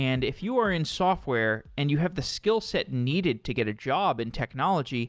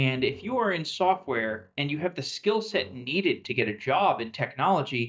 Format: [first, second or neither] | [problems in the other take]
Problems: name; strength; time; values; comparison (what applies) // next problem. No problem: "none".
first | noise reduction (neural mask model DeepFilterNet 3)